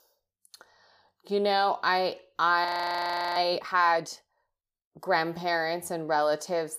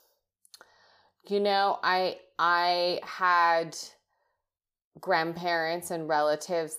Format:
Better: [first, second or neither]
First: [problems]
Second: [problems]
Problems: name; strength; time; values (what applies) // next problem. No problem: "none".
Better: second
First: audio freezing; at 2.5 s for 0.5 s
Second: none